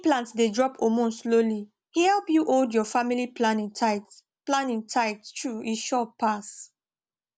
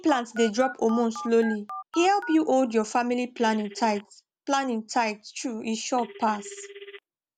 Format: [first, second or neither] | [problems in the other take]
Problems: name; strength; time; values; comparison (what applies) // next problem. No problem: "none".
first | background sound (Telephone); 16 dB below the speech